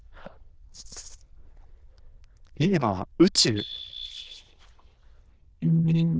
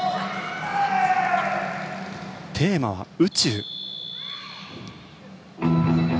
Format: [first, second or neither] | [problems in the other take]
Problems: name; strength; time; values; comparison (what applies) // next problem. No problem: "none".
second | noise reduction (neural diffusion model UNIVERSE++)